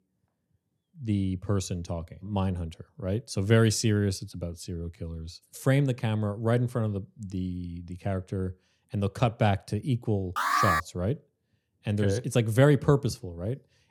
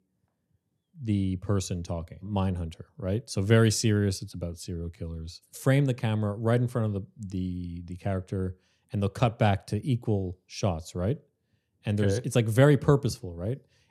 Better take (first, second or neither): second